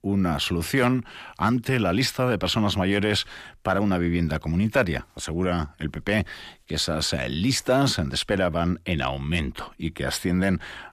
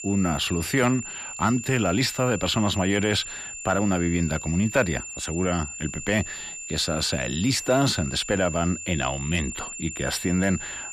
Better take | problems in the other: first | high-pitched whine; loud; throughout; 7 kHz, 9 dB below the speech

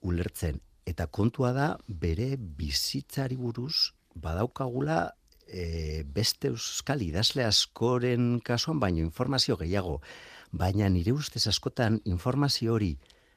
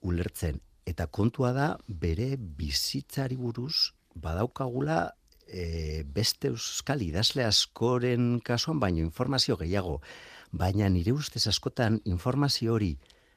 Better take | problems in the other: neither | none

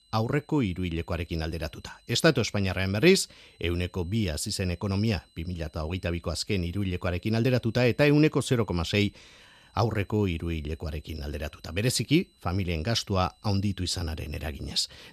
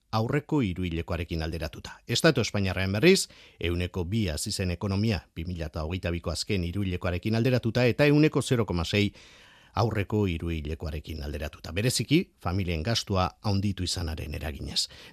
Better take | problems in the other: second | high-pitched whine; faint; throughout; 4 kHz, 35 dB below the speech

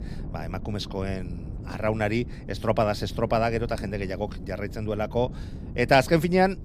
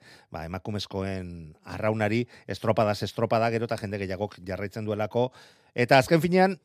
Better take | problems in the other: second | wind noise on the microphone; occasional gusts; 20 dB below the speech

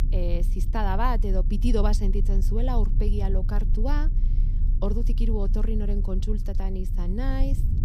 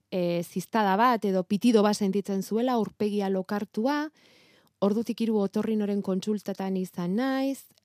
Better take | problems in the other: second | low rumble; noticeable; throughout; 15 dB below the speech

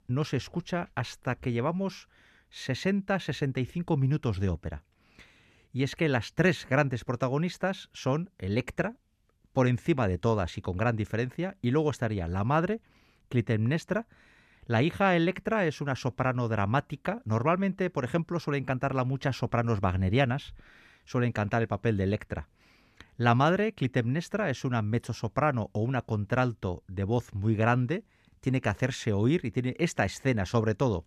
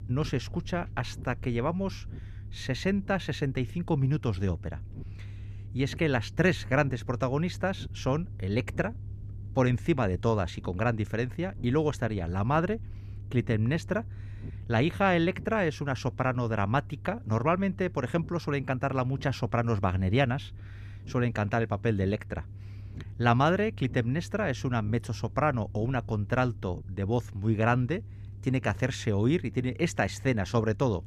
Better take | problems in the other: first | low rumble; faint; throughout; 25 dB below the speech

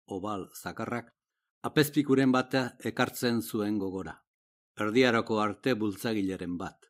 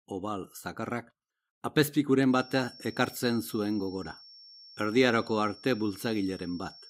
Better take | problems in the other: first | high-pitched whine; noticeable; from 2.5 s on; 5.5 kHz, 20 dB below the speech

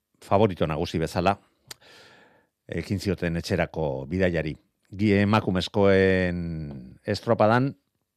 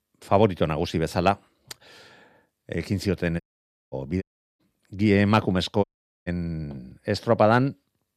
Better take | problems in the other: first | audio cutting out; at 3.5 s for 0.5 s, at 4 s and at 6 s

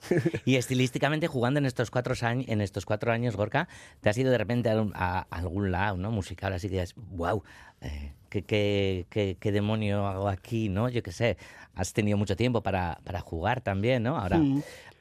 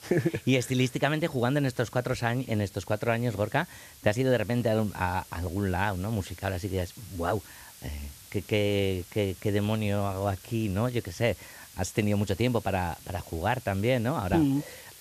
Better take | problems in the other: first | hiss; noticeable; throughout; 20 dB below the speech

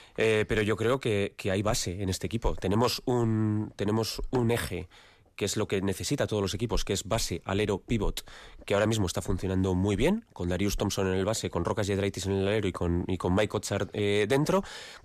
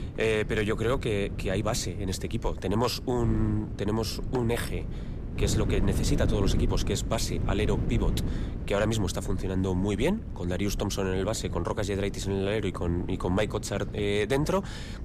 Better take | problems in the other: first | wind noise on the microphone; occasional gusts; 10 dB below the speech

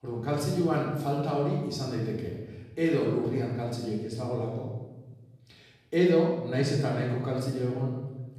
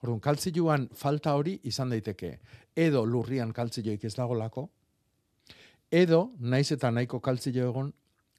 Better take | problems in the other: second | off-mic speech; far // room echo; noticeable; dies away in 1 s

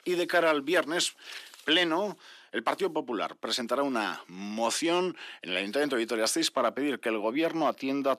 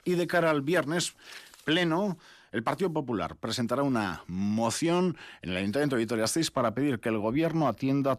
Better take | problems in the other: second | thin; very slightly; fading below 300 Hz

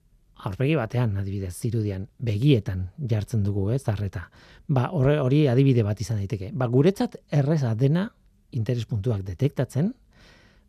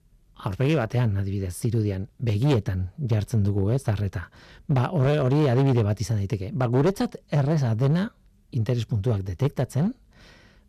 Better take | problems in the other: first | distortion; slight; 8% of the sound clipped

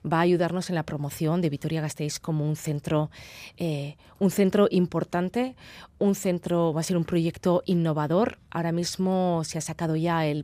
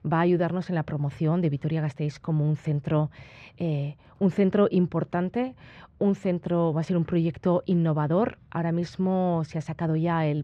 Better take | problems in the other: first | muffled; slightly; fading above 2.5 kHz

